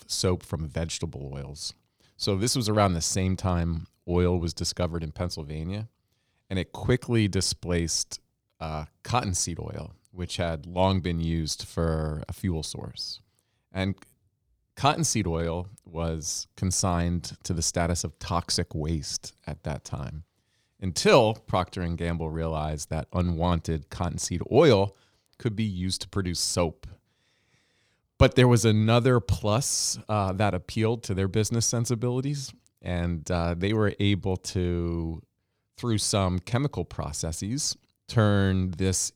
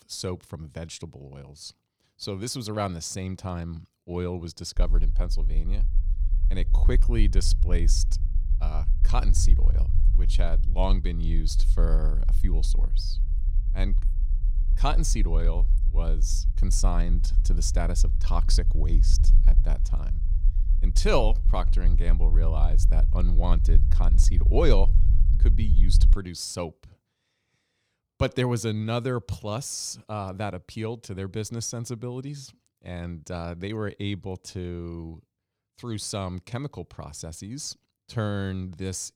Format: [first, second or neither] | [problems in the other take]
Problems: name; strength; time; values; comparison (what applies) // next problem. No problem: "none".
first | low rumble; noticeable; from 5 to 26 s; 15 dB below the speech